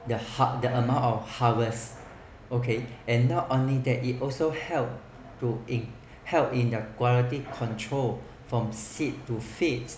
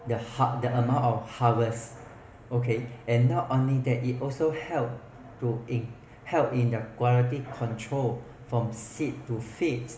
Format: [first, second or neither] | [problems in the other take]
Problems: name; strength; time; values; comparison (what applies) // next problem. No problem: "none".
first | room echo; dies away in 1.9 s